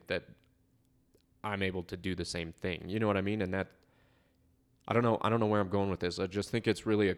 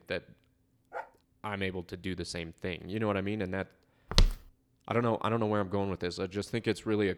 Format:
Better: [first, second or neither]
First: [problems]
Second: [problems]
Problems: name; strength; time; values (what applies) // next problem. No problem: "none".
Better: first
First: none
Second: dog barking; faint; at 1 s; peak 10 dB below the speech // footsteps; loud; at 4 s; peak 5 dB above the speech